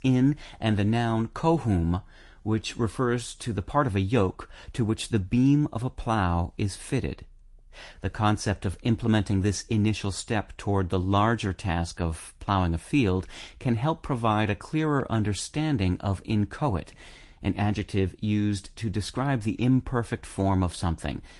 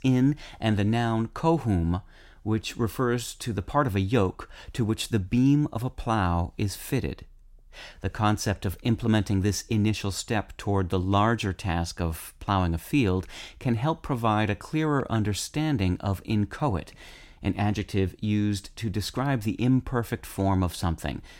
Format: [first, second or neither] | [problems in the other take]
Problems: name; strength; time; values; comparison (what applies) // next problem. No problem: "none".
second | garbled, watery; slightly; nothing above 11 kHz